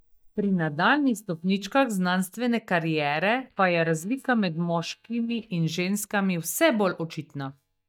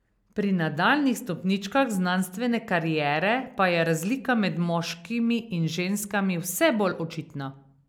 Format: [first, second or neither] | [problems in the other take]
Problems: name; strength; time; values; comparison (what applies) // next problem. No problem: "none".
second | noise reduction (neural mask model DeepFilterNet 3)